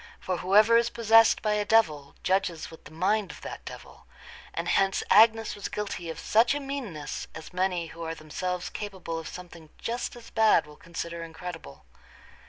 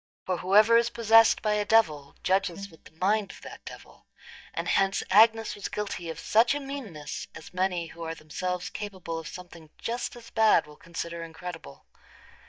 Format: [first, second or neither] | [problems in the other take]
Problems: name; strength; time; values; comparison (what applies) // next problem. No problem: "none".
first | noise reduction (neural mask model DeepFilterNet 3)